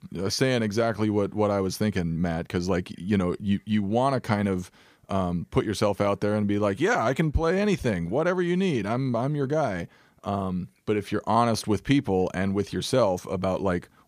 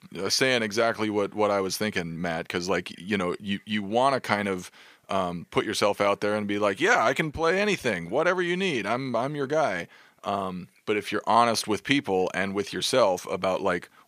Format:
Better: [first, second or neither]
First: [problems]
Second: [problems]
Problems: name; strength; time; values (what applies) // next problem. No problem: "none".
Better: first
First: none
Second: thin; very slightly; fading below 550 Hz